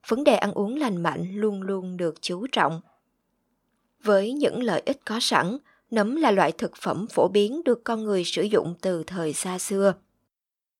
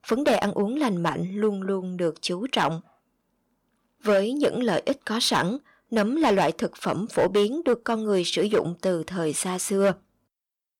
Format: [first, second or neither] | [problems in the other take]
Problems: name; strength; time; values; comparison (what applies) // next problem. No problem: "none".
first | distortion; slight; 4% of the sound clipped